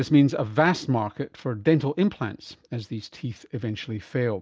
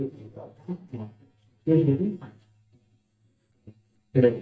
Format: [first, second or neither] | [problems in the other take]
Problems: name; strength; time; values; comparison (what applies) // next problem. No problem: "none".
first | noise reduction (neural mask model DeepFilterNet 3)